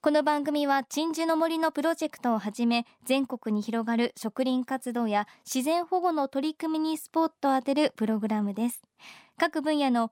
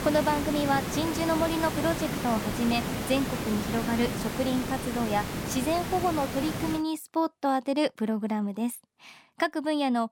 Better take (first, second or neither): first